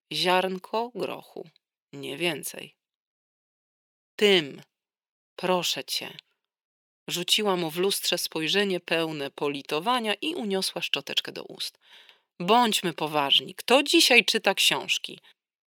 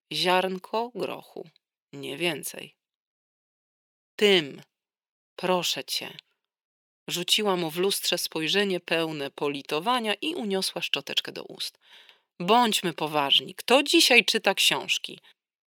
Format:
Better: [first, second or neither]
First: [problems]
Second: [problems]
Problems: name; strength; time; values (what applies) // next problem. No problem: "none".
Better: neither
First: thin; somewhat; fading below 400 Hz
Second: thin; somewhat; fading below 400 Hz